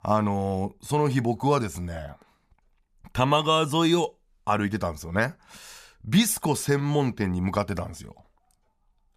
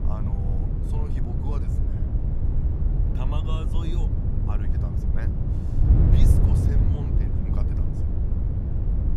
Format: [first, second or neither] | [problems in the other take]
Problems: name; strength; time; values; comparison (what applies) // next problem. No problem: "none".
first | wind noise on the microphone; heavy; 4 dB above the speech